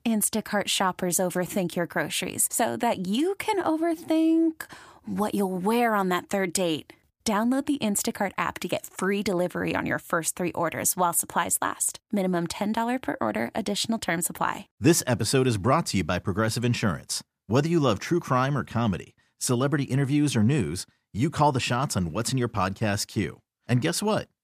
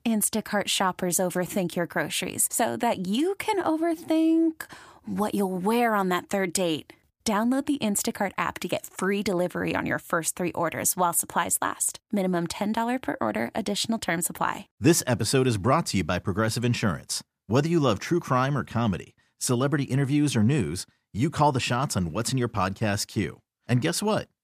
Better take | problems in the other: neither | none

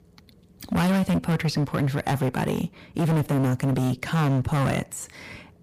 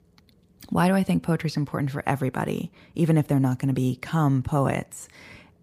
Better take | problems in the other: second | distortion; heavy; 20% of the sound clipped

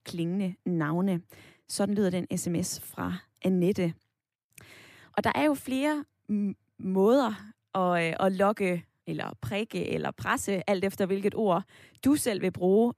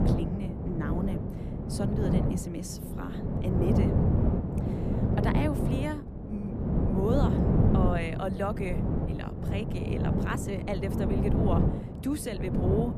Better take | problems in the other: first | wind noise on the microphone; heavy; as loud as the speech

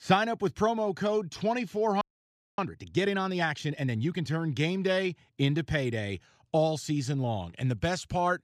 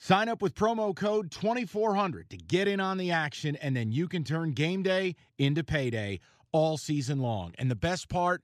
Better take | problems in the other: second | audio freezing; at 2 s for 0.5 s

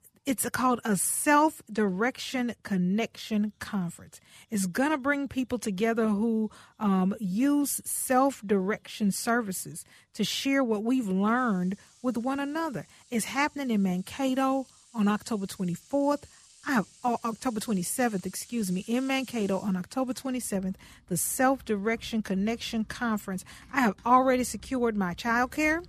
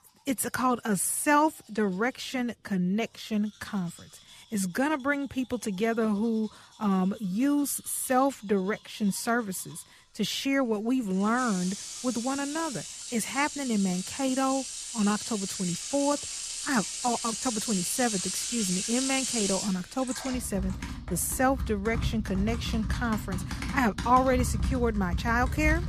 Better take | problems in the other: first | household noises; loud; throughout; 4 dB below the speech; faint in the first

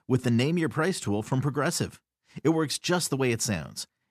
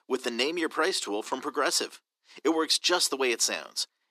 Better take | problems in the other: first | thin; very; fading below 300 Hz

